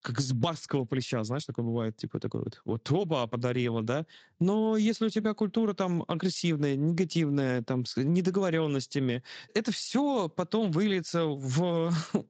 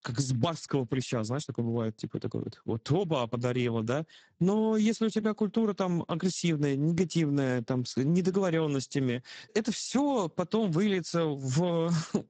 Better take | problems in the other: first | garbled, watery; badly; nothing above 8 kHz; slightly in the first

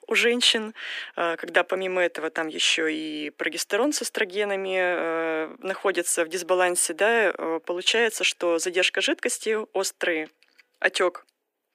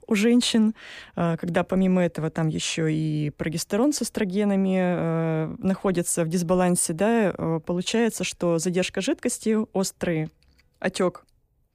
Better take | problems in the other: second | thin; very; fading below 300 Hz

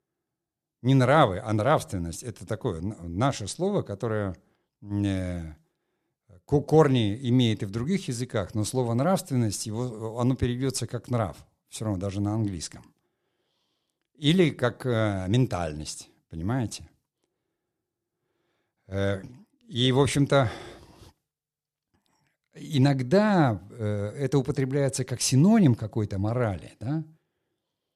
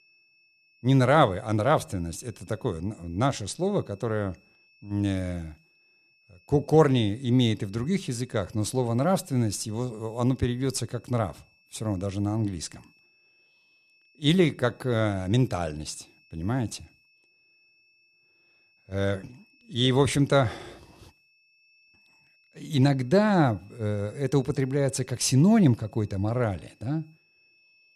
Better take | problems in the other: first | high-pitched whine; faint; throughout; 2.5 kHz, 35 dB below the speech

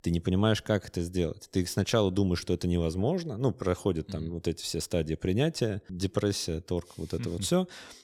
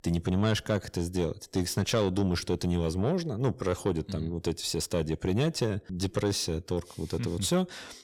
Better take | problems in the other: first | distortion; slight; 10 dB below the speech

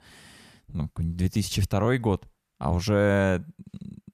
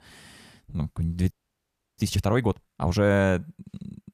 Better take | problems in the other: first | audio freezing; at 1.5 s for 0.5 s

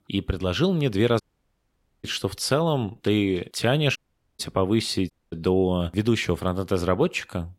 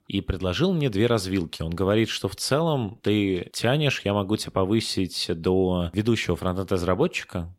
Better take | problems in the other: second | audio cutting out; at 1 s for 1 s, at 4 s and at 5 s

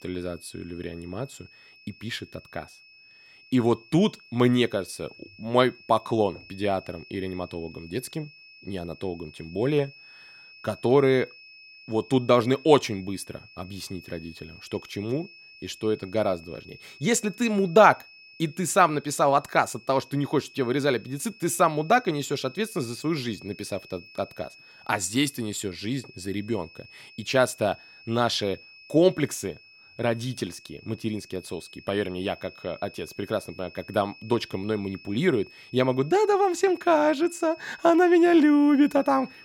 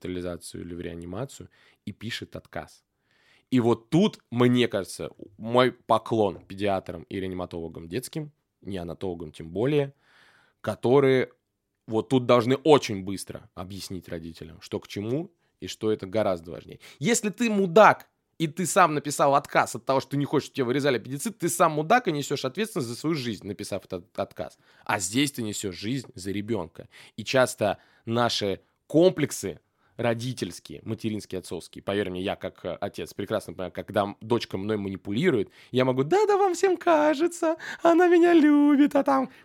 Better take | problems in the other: second | high-pitched whine; faint; throughout; 2.5 kHz, 25 dB below the speech

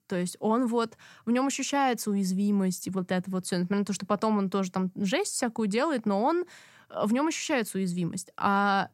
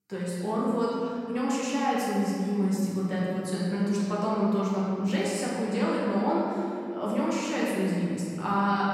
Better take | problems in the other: first | room echo; strong; dies away in 2.4 s // off-mic speech; far

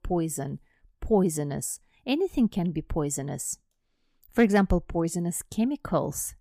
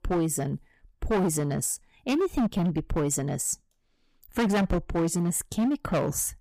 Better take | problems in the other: first | distortion; heavy; 14% of the sound clipped

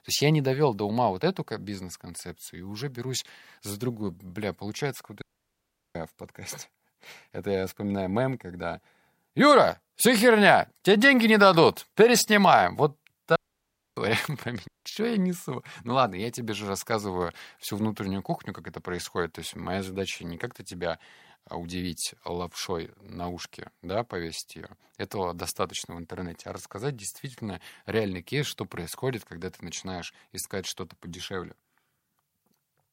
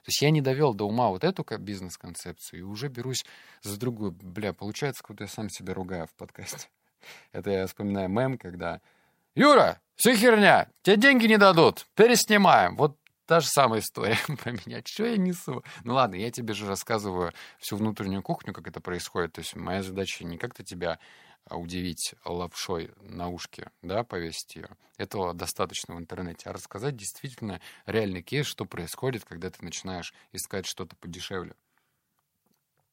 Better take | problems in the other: second | audio cutting out; at 5 s for 0.5 s, at 13 s for 0.5 s and at 15 s

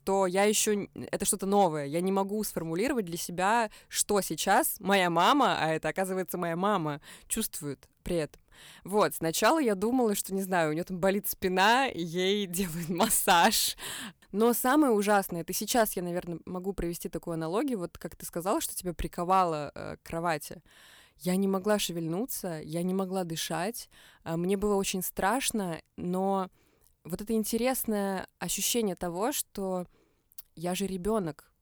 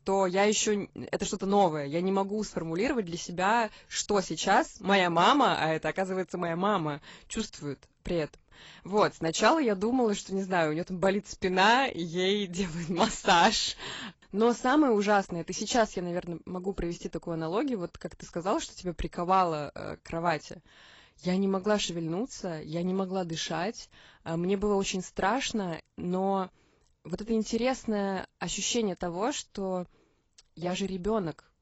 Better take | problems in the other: first | garbled, watery; badly; nothing above 7.5 kHz

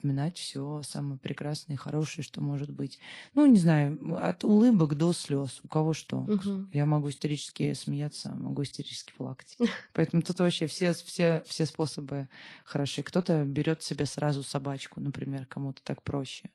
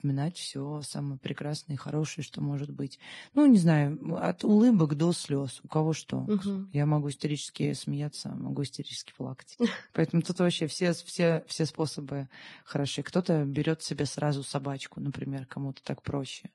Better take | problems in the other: first | garbled, watery; badly; nothing above 10.5 kHz; slightly in the first

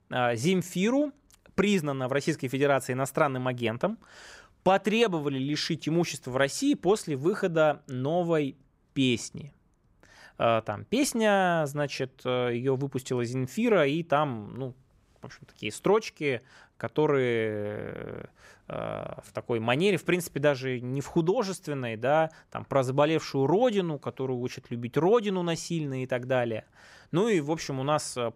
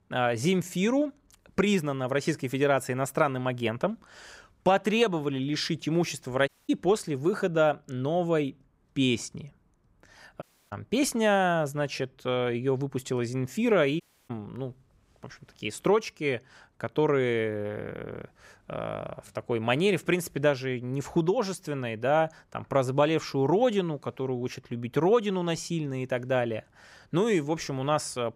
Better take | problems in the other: first | audio cutting out; at 6.5 s, at 10 s and at 14 s

